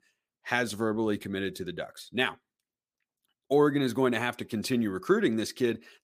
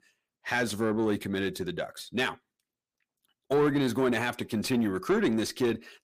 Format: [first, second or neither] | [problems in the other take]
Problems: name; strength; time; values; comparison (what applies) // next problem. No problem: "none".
first | distortion; slight; 10 dB below the speech